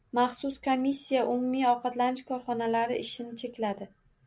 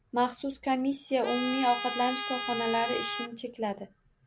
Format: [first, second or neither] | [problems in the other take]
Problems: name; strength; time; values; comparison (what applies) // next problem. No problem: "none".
first | background sound (Trumpet); 5 dB below the speech